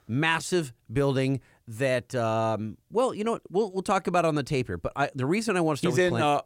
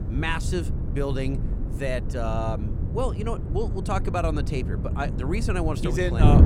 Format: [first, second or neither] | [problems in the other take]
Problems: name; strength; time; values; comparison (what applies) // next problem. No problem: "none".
first | wind noise on the microphone; heavy; 9 dB below the speech